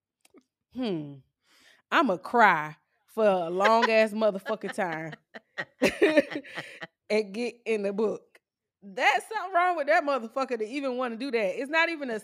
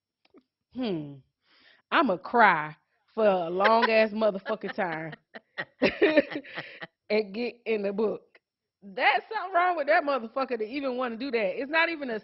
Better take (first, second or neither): first